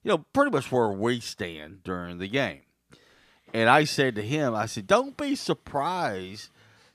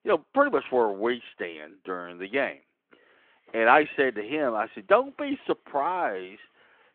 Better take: first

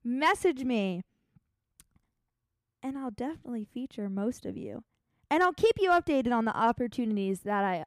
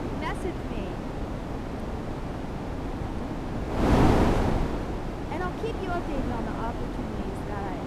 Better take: first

